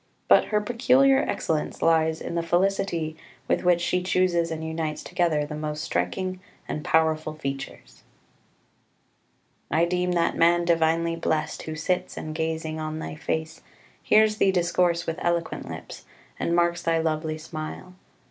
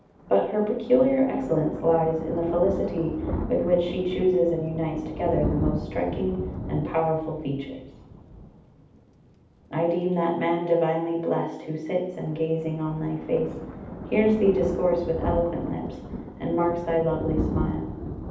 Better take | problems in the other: first | background sound (Thunder); 8 dB below the speech // room echo; dies away in 0.8 s

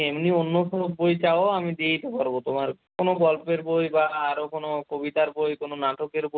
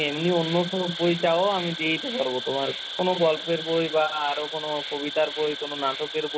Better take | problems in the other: first | background sound (Insect); 8 dB below the speech

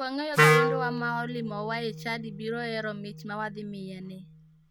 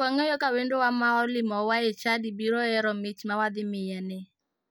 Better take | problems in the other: second | background sound (Wind instrument, woodwind instrument); 4 dB above the speech

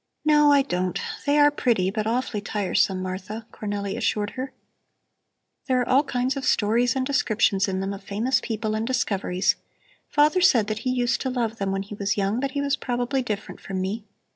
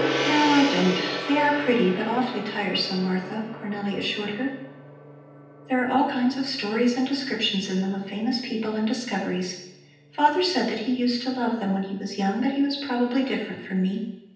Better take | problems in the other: first | background sound (Gong); 10 dB below the speech // room echo; dies away in 0.9 s

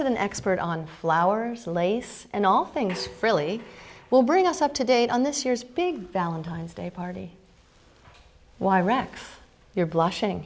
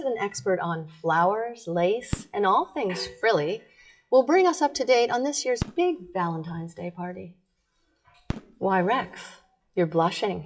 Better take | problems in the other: first | noise reduction (classical method WPE with log-MMSE)

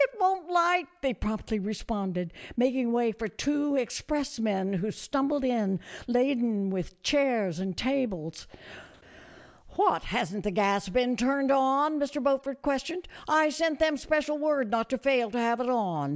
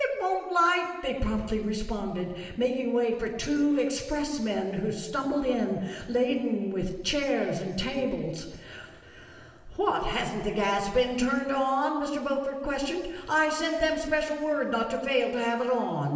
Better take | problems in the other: first | room echo; dies away in 1.3 s

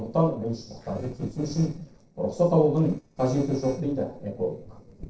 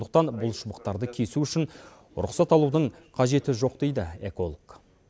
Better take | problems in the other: second | noise reduction (neural separator model SepFormer DNS4)

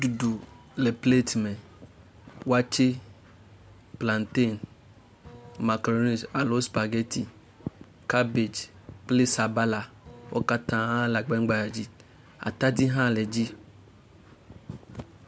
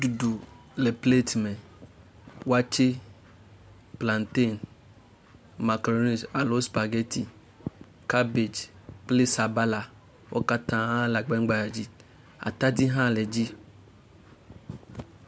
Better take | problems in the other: second | background sound (Printer); 19 dB below the speech

